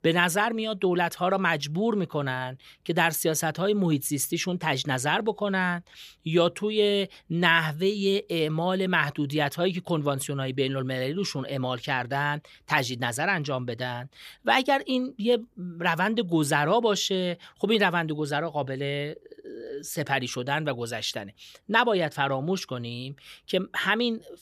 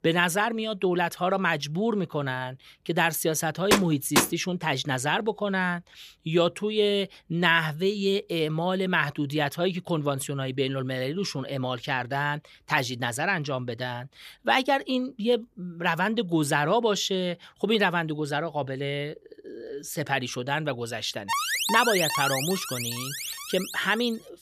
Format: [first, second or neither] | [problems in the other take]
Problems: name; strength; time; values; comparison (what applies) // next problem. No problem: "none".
first | door banging; loud; at 3.5 s; peak 2 dB above the speech // alarm; loud; from 21 s on; peak 2 dB above the speech